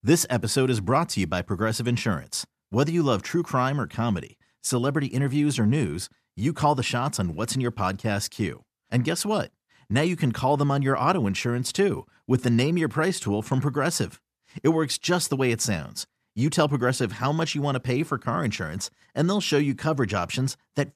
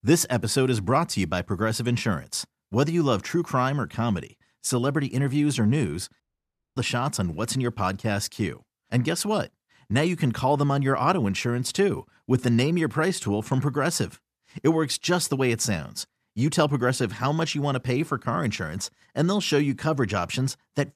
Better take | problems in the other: first | audio cutting out; at 6 s for 0.5 s

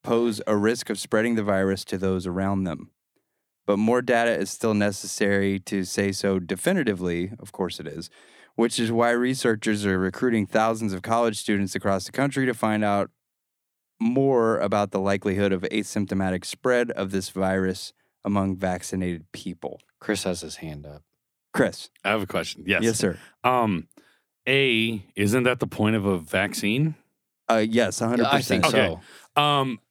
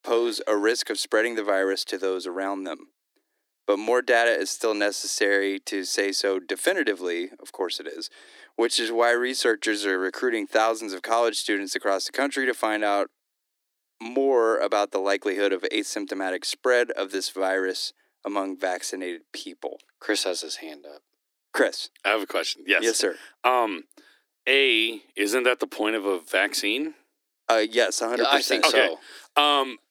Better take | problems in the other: first | thin; somewhat; fading below 300 Hz

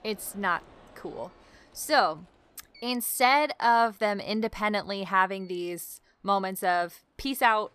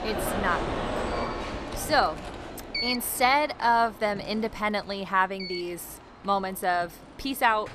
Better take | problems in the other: first | alarms or sirens; loud; throughout; 6 dB below the speech; faint in the first

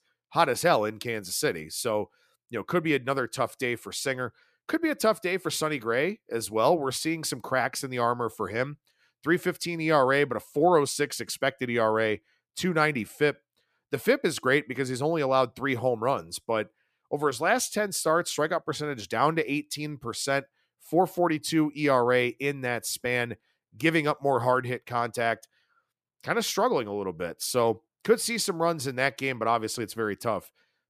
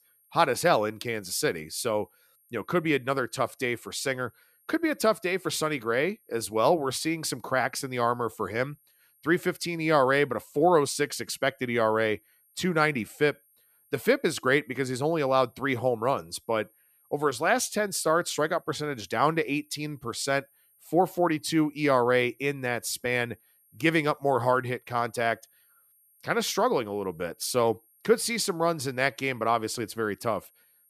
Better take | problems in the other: first | high-pitched whine; faint; throughout; 11.5 kHz, 35 dB below the speech

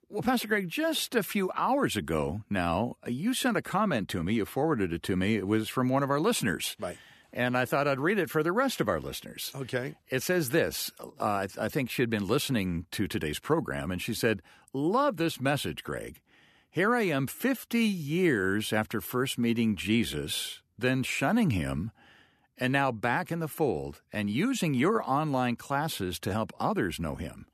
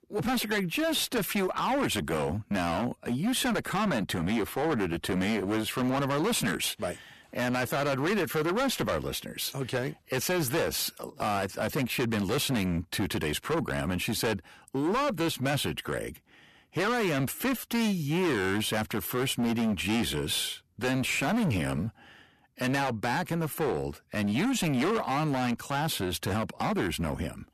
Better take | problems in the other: first | distortion; heavy; 20% of the sound clipped

